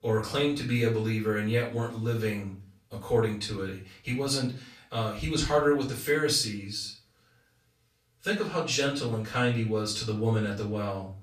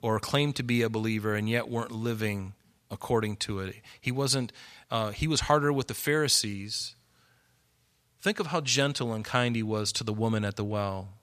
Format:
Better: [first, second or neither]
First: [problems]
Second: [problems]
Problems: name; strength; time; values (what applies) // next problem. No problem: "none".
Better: second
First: room echo; slight; dies away in 0.3 s // off-mic speech; far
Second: none